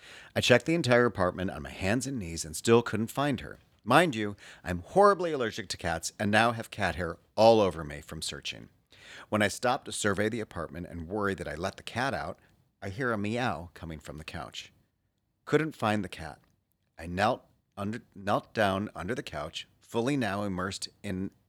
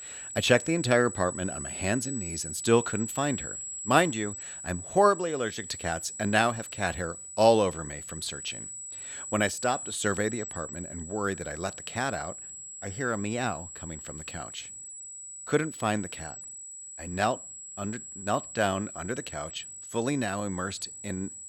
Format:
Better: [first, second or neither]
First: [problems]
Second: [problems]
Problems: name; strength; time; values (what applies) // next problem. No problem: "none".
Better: first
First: none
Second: high-pitched whine; loud; throughout; 7.5 kHz, 9 dB below the speech